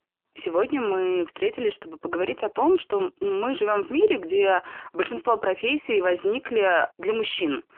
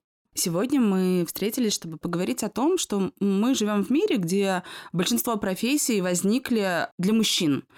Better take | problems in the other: second | phone-call audio; poor line; nothing above 3 kHz

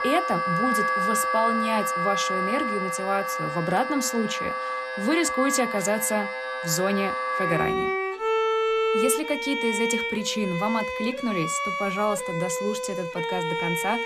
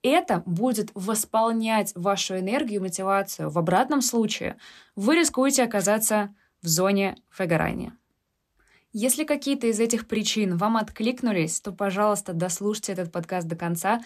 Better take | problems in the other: second | background music; very loud; throughout; as loud as the speech

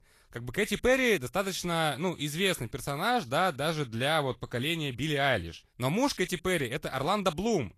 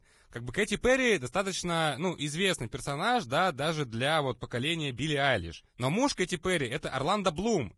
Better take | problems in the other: first | garbled, watery; badly; nothing above 10.5 kHz; slightly in the first

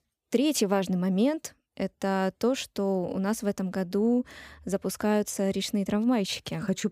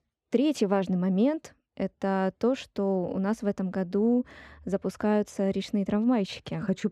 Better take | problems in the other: first | muffled; slightly; fading above 2 kHz

